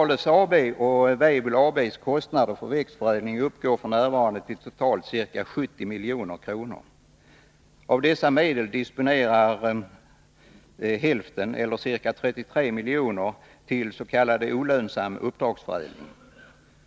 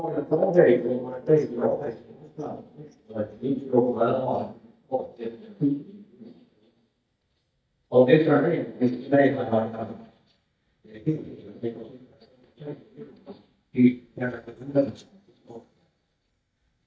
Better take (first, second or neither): first